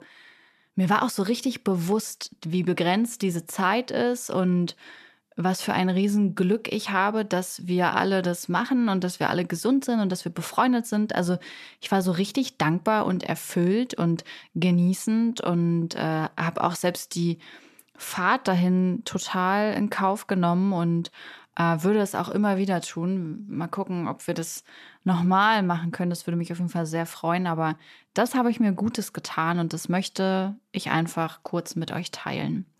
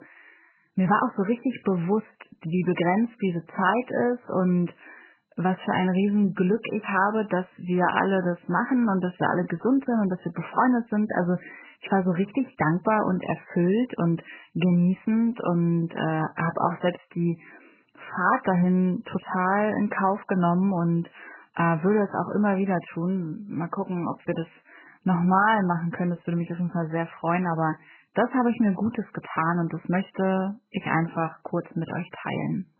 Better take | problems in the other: first | garbled, watery; badly; nothing above 3 kHz

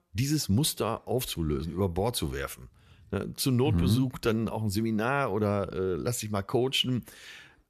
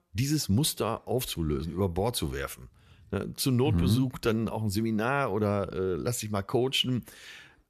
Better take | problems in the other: neither | none

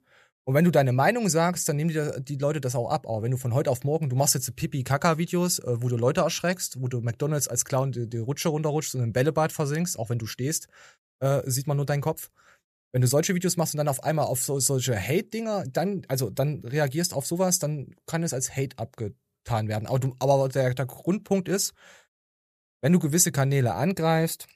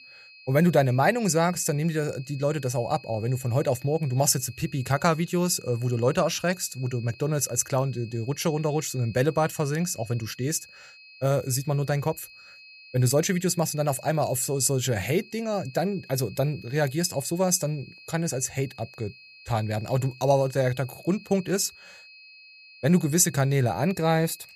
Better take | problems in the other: first | high-pitched whine; faint; throughout; 2.5 kHz, 20 dB below the speech

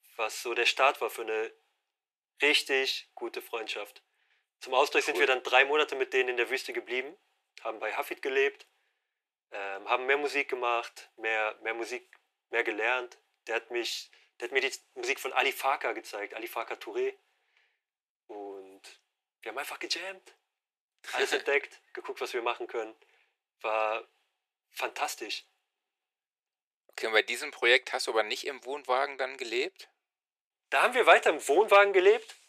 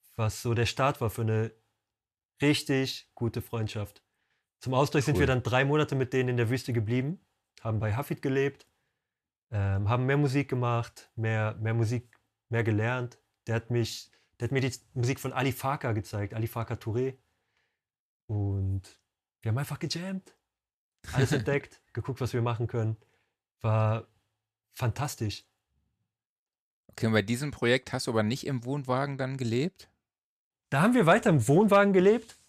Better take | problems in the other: second | thin; very; fading below 350 Hz

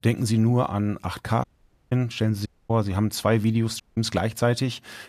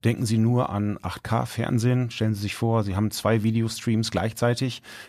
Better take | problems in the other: second | audio cutting out; at 1.5 s, at 2.5 s and at 4 s

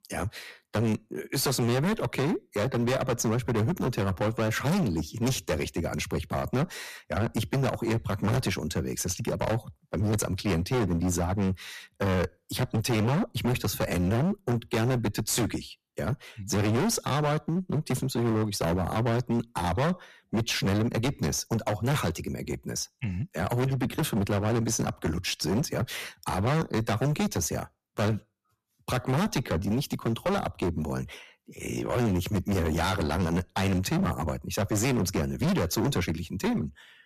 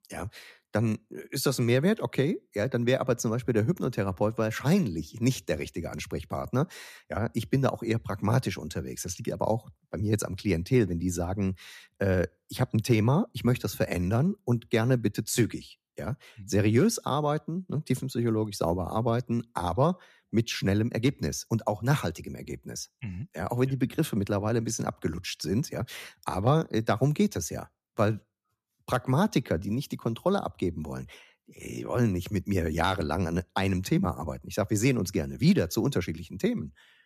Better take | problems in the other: second | distortion; heavy; 22% of the sound clipped

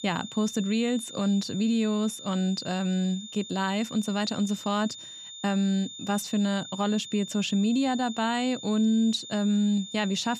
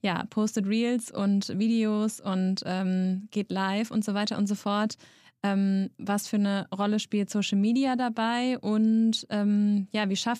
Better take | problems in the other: second | high-pitched whine; noticeable; throughout; 3.5 kHz, 10 dB below the speech

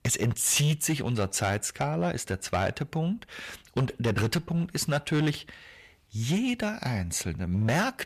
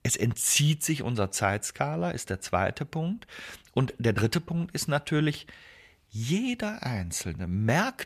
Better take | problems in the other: second | distortion; slight; 7% of the sound clipped

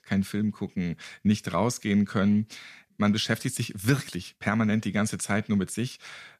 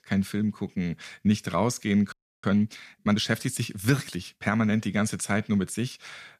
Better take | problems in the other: first | audio freezing; at 2 s

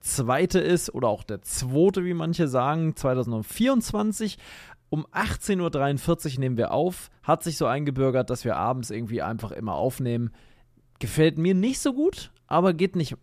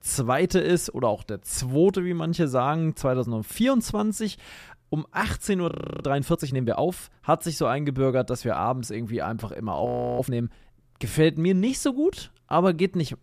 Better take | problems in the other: first | audio freezing; at 5.5 s and at 10 s

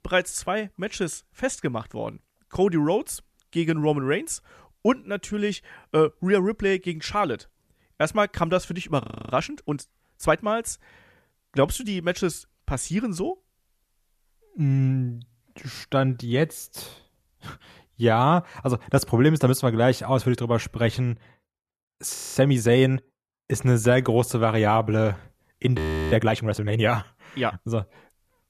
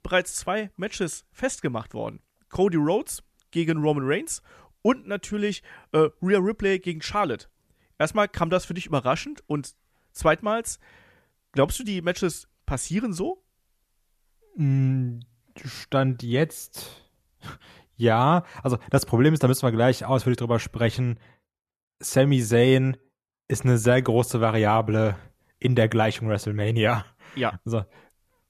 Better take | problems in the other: second | audio freezing; at 9 s, at 22 s and at 26 s

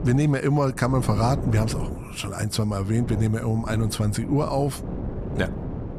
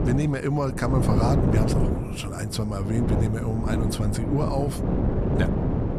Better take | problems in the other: first | wind noise on the microphone; heavy; 1 dB below the speech; occasional gusts in the first

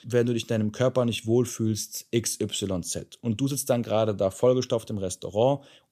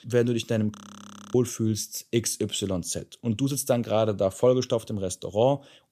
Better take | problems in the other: first | audio freezing; at 1 s for 0.5 s

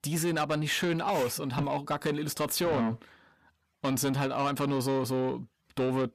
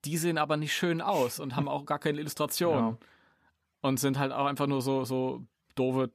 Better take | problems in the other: second | distortion; slight; 10 dB below the speech

